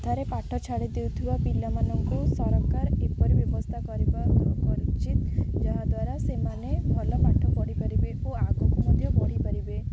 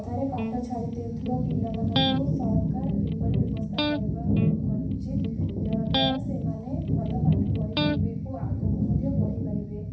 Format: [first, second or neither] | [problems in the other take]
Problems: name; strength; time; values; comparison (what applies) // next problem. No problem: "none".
first | background sound (Electric guitar); 5 dB below the speech // room echo; dies away in 0.7 s